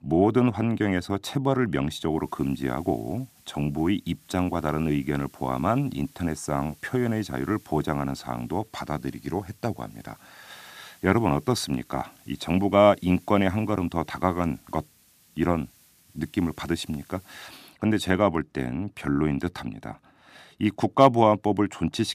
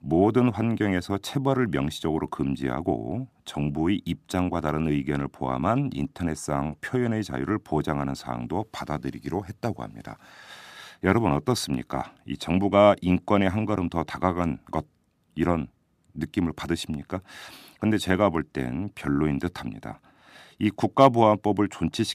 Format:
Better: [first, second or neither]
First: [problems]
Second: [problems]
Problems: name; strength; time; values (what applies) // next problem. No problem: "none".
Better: second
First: hiss; faint; from 2 to 18 s; 30 dB below the speech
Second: none